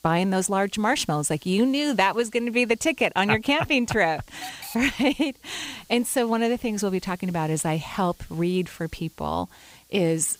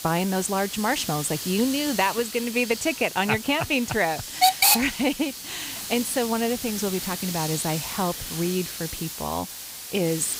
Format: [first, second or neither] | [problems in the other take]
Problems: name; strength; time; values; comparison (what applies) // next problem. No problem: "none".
first | hiss; loud; throughout; 2 dB below the speech; faint in the first